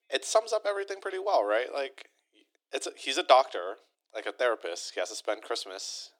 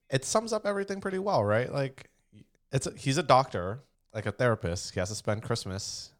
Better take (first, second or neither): second